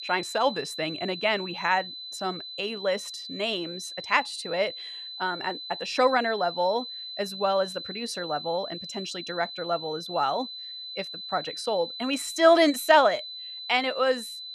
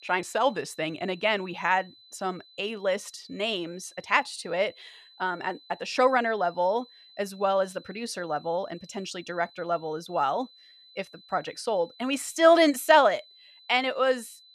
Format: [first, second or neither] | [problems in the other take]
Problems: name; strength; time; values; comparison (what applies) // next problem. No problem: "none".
second | high-pitched whine; loud; throughout; 4 kHz, 9 dB below the speech; faint in the second